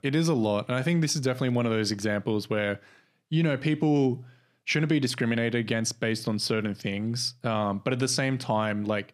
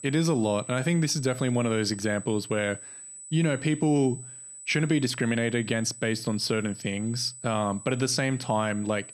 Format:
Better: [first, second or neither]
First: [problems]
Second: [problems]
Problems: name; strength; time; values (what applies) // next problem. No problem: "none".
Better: first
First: none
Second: high-pitched whine; noticeable; throughout; 8 kHz, 15 dB below the speech